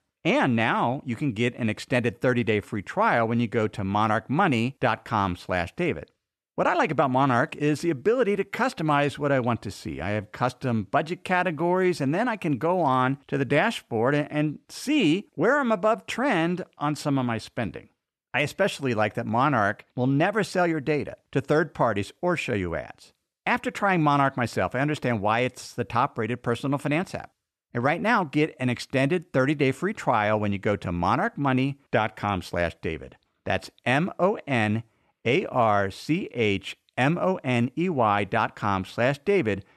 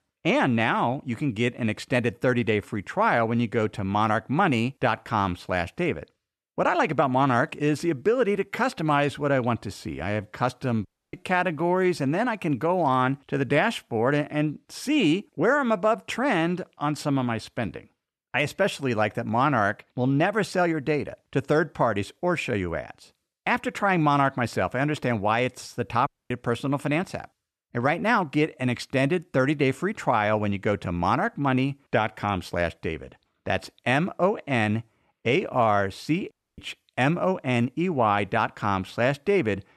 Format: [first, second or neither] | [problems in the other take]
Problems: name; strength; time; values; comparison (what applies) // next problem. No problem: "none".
first | audio cutting out; at 11 s, at 26 s and at 36 s